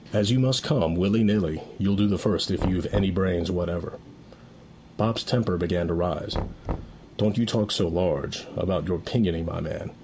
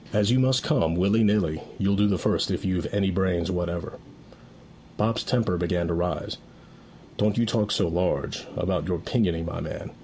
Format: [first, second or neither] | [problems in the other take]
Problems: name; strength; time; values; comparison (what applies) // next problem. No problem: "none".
second | background sound (Knock); 12 dB below the speech